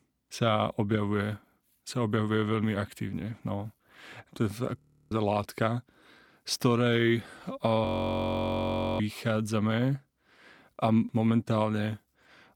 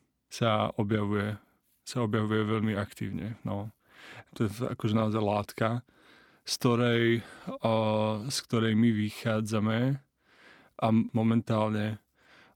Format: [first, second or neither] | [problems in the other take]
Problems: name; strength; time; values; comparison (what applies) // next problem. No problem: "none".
second | audio freezing; at 5 s and at 8 s for 1 s